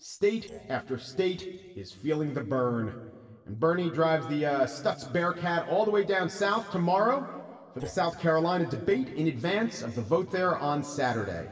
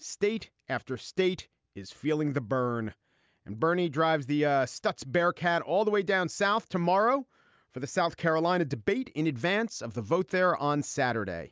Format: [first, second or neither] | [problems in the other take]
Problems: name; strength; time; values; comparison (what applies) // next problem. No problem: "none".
second | noise reduction (neural separator model SepFormer DNS4)